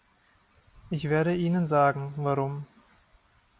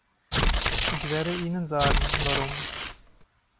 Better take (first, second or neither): first